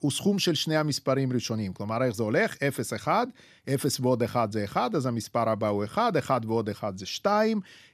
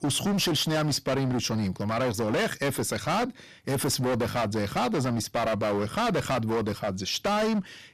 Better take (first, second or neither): first